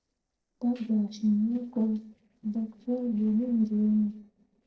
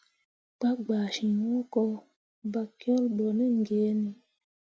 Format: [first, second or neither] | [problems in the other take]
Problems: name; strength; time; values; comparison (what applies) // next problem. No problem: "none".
second | noise reduction (neural separator model SepFormer DNS4)